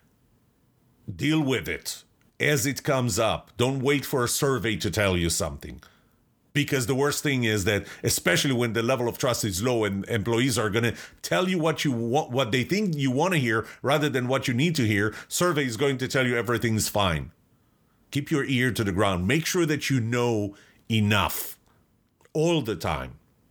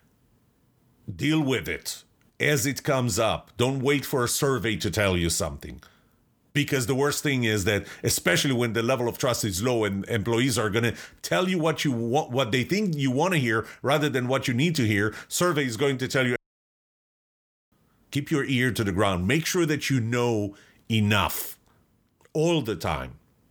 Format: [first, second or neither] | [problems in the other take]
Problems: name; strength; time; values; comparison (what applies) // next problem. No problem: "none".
first | audio cutting out; at 16 s for 1.5 s